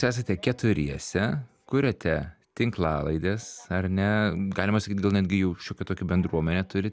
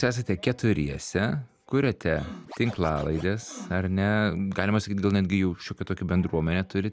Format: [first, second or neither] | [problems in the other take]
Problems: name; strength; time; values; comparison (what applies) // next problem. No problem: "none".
first | background sound (Scratching (performance technique)); 18 dB below the speech